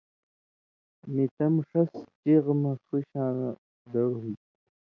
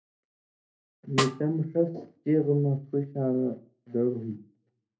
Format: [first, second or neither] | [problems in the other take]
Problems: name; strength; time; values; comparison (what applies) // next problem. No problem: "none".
first | background sound (Snare drum); 5 dB below the speech // room echo; dies away in 0.3 s